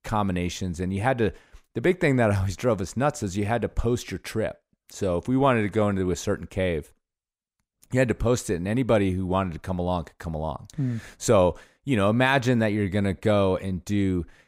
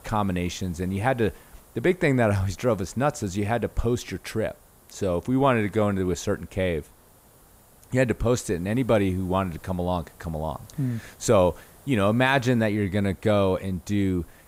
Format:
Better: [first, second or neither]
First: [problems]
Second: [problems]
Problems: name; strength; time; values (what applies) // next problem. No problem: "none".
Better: first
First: none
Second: hiss; faint; throughout; 25 dB below the speech